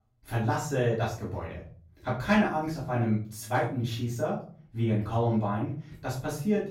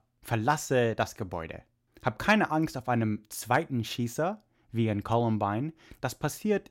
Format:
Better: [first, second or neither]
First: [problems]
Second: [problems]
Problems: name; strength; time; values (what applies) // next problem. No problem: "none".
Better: second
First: off-mic speech; far // room echo; noticeable; dies away in 0.5 s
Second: none